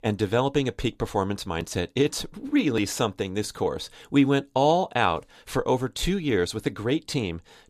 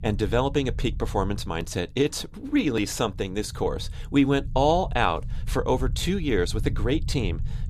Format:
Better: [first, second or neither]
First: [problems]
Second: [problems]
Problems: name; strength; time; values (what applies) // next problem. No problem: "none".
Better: first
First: none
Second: low rumble; faint; throughout; 25 dB below the speech